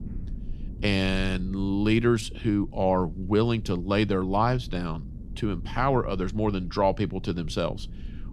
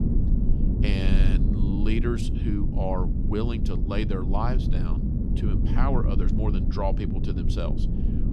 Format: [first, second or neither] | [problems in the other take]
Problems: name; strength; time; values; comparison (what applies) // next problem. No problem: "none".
first | low rumble; loud; throughout; 4 dB below the speech; faint in the first